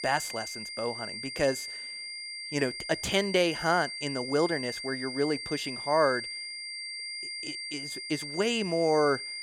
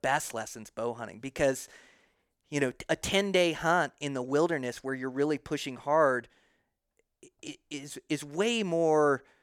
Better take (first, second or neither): second